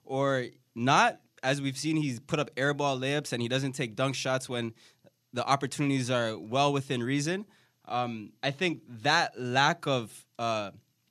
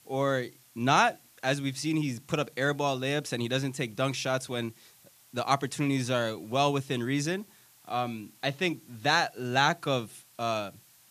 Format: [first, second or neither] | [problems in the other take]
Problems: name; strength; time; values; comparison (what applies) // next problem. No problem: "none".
first | hiss; faint; throughout; 25 dB below the speech